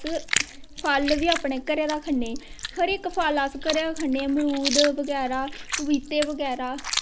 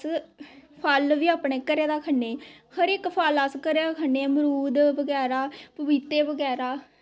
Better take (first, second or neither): second